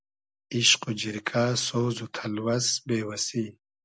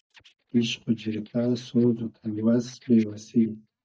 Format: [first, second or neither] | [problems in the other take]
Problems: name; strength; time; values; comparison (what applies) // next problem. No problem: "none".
first | noise reduction (neural mask model DeepFilterNet 3)